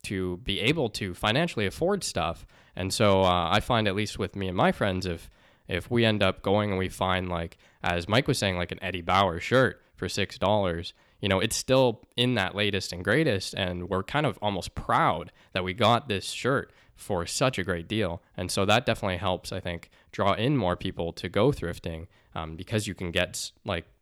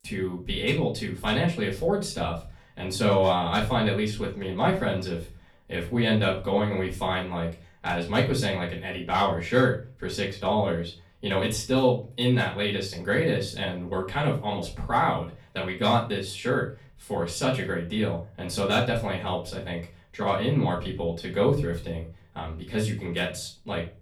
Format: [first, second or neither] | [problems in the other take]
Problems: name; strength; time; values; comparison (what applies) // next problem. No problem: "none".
first | room echo; slight; dies away in 0.3 s // off-mic speech; far